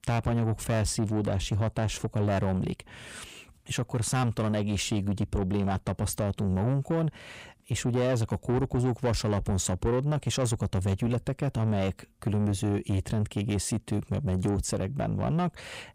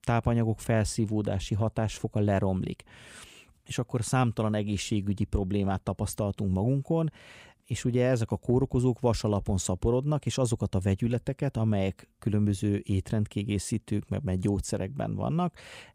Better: second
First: distortion; slight; 10 dB below the speech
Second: none

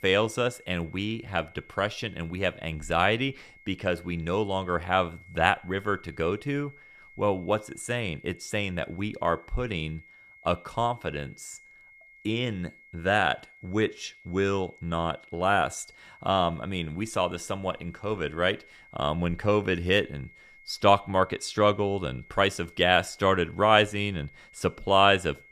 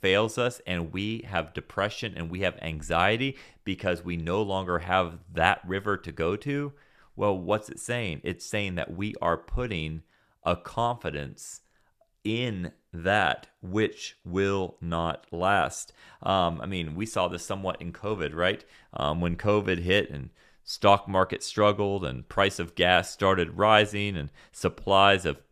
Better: second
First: high-pitched whine; faint; throughout; 2 kHz, 25 dB below the speech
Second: none

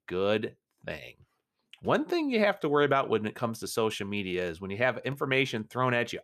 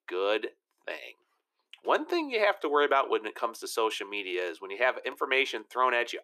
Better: first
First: none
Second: thin; very; fading below 350 Hz

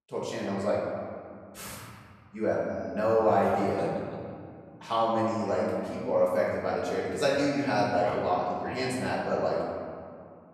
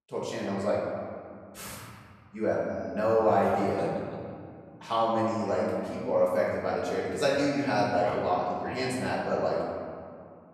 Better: neither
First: off-mic speech; far // room echo; noticeable; dies away in 2 s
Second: off-mic speech; far // room echo; noticeable; dies away in 2 s

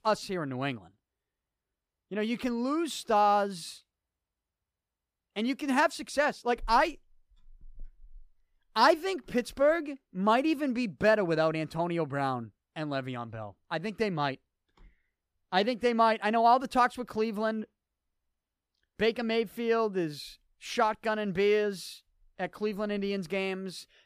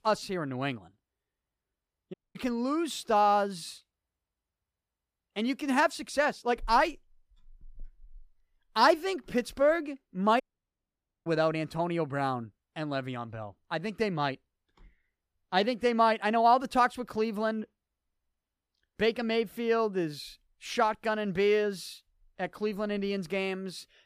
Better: first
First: none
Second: audio cutting out; at 2 s and at 10 s for 1 s

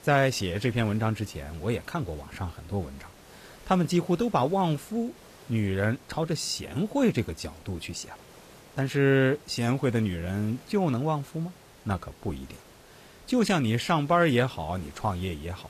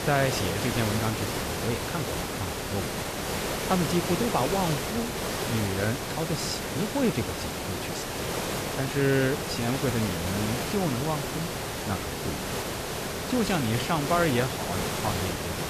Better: first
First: hiss; faint; throughout; 25 dB below the speech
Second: hiss; loud; throughout; 1 dB below the speech

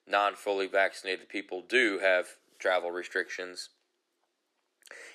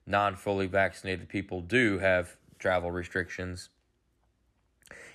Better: second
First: thin; somewhat; fading below 350 Hz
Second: none

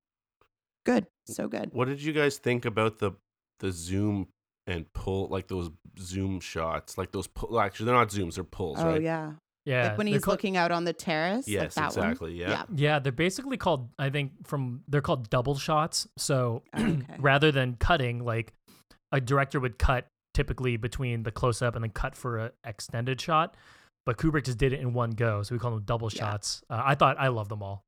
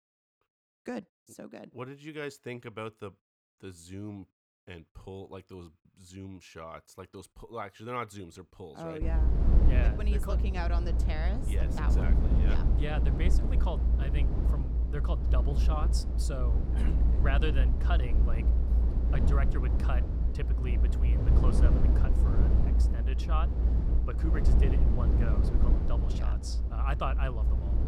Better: first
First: none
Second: low rumble; loud; from 9 s on; 2 dB below the speech

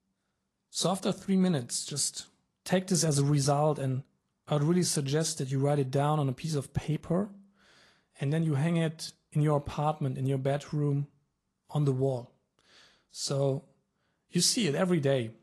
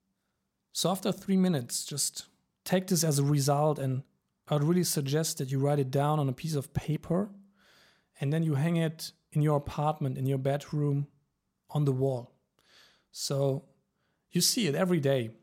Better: second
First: garbled, watery; slightly; nothing above 11.5 kHz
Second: none

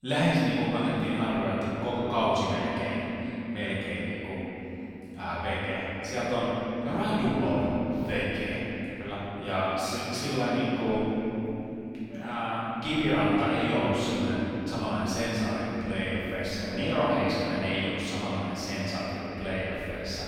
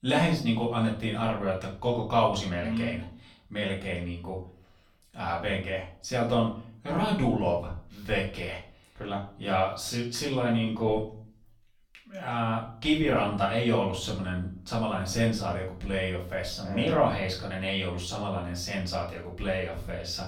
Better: second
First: room echo; strong; dies away in 3 s // off-mic speech; far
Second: room echo; slight; dies away in 0.4 s // off-mic speech; far

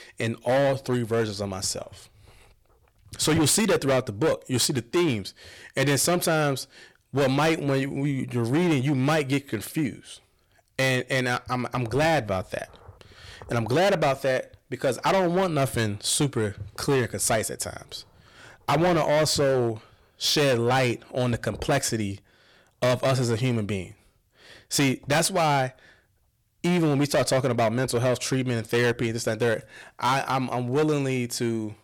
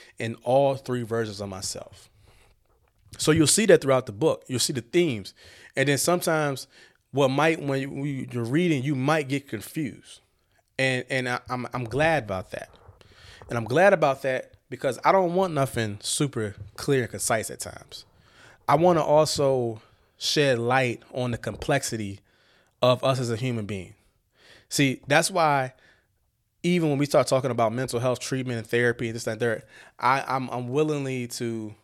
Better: second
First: distortion; heavy; 11% of the sound clipped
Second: none

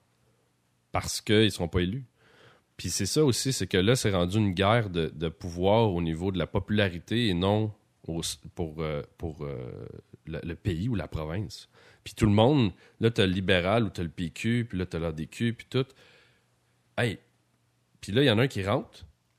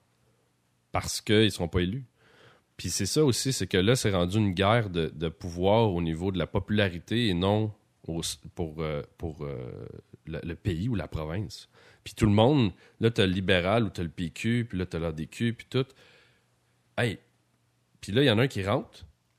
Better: neither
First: none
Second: none

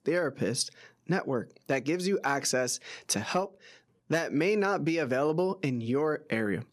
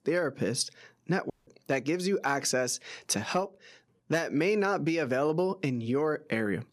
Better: first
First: none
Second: audio cutting out; at 1.5 s

